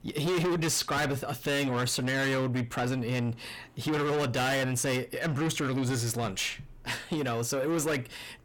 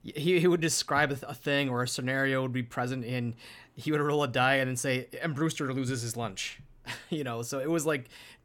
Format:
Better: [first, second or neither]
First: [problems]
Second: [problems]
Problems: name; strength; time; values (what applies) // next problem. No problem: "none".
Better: second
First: distortion; heavy; 6 dB below the speech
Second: none